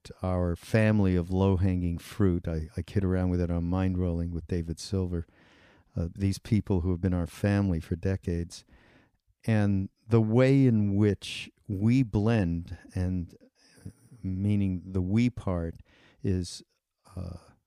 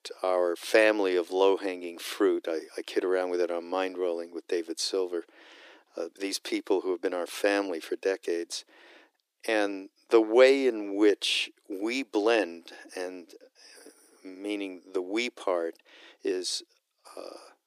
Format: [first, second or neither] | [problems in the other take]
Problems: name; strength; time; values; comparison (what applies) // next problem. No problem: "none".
first | thin; very; fading below 300 Hz